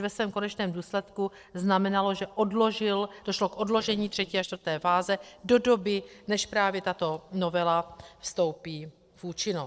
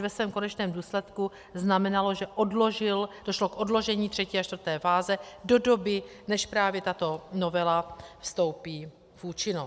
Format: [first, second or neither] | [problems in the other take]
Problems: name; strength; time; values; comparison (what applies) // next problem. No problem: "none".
second | noise reduction (neural separator model SepFormer DNS4)